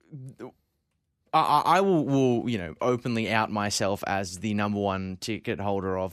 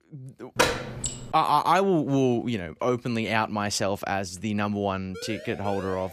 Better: first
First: none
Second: door banging; loud; at 0.5 s; peak 2 dB above the speech // siren; faint; at 5 s; peak 15 dB below the speech

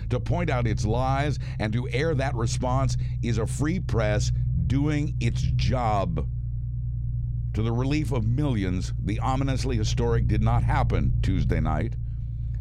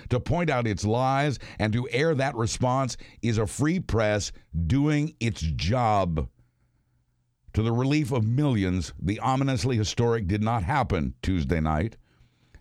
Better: second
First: low rumble; noticeable; throughout; 15 dB below the speech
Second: none

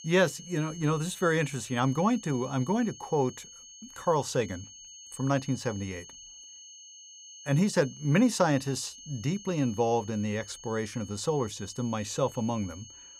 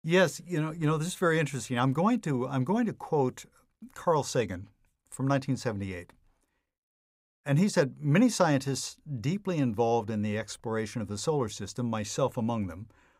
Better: second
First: high-pitched whine; noticeable; throughout; 6.5 kHz, 15 dB below the speech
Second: none

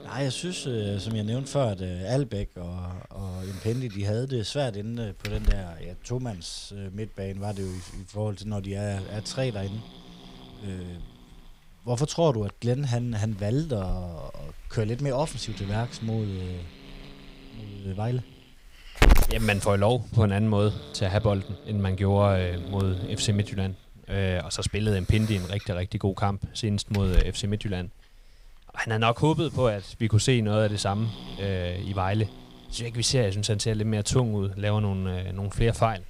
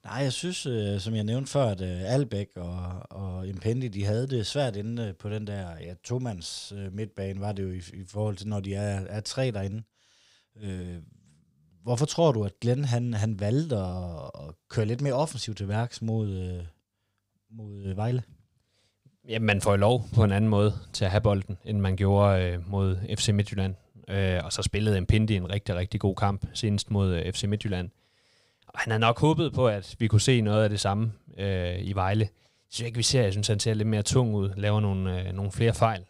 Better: second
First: hiss; loud; throughout; 9 dB below the speech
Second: none

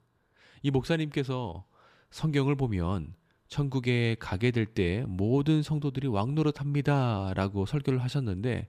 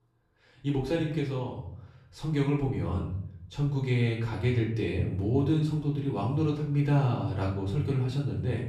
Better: first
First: none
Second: off-mic speech; far // room echo; noticeable; dies away in 0.6 s

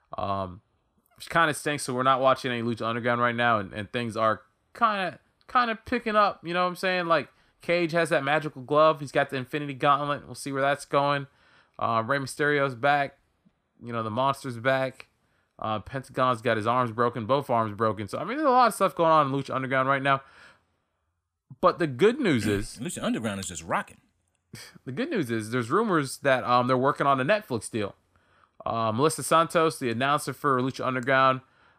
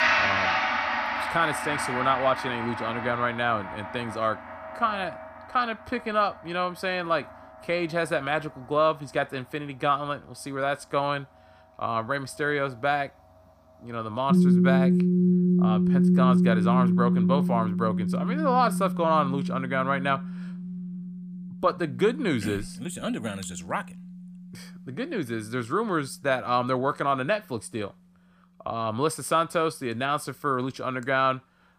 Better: first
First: none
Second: background music; very loud; throughout; 2 dB above the speech

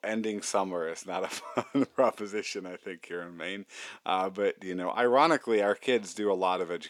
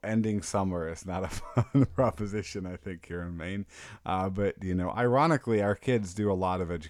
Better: second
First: thin; somewhat; fading below 300 Hz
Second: none

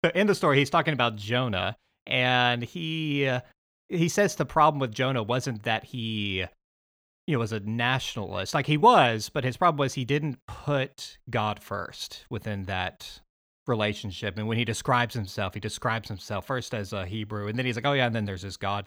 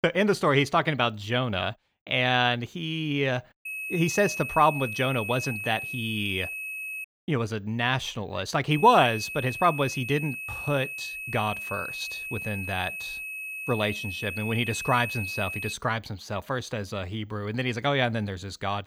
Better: first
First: none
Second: high-pitched whine; loud; from 3.5 to 7 s and from 8.5 to 16 s; 2.5 kHz, 6 dB below the speech

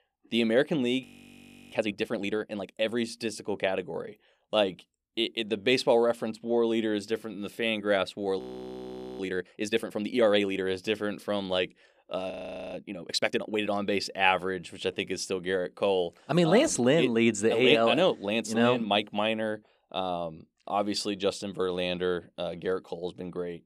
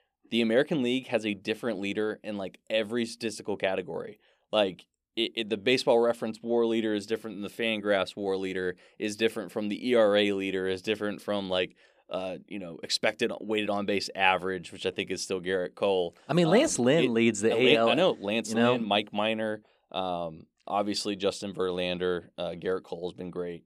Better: second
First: audio freezing; at 1 s for 0.5 s, at 8.5 s for 1 s and at 12 s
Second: none

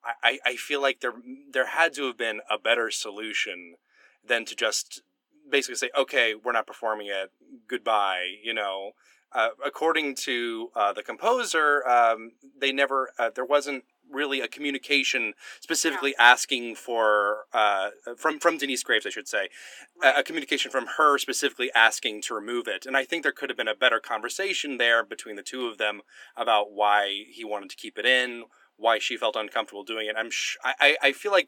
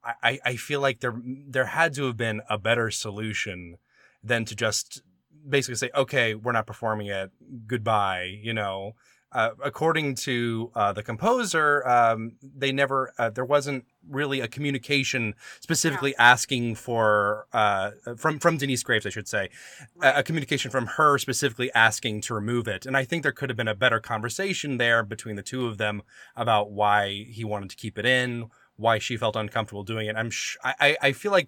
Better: second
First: thin; somewhat; fading below 300 Hz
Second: none

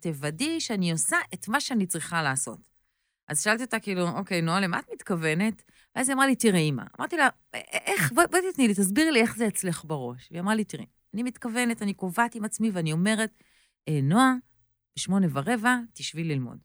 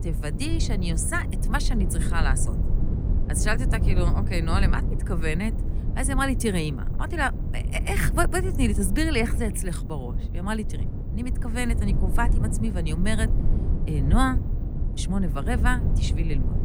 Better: first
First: none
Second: low rumble; noticeable; throughout; 10 dB below the speech

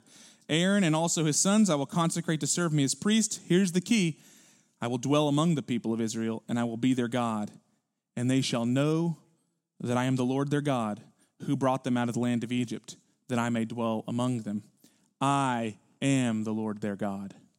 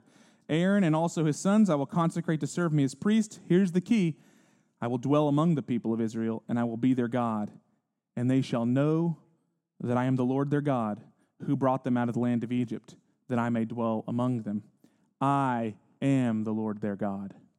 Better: first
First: none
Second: muffled; slightly; fading above 2.5 kHz

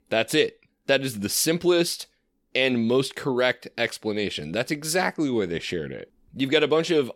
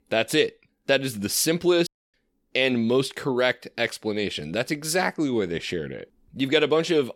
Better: first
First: none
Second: audio cutting out; at 2 s

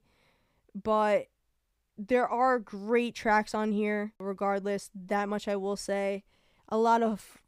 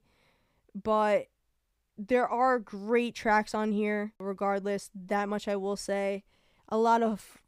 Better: neither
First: none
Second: none

